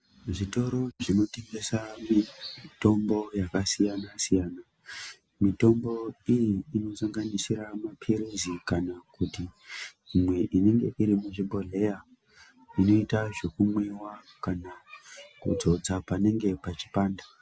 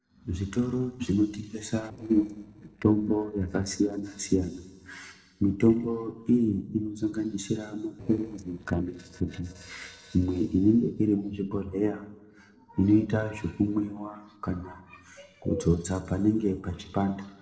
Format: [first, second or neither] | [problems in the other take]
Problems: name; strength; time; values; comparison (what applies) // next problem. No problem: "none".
first | noise reduction (neural separator model SepFormer DNS4)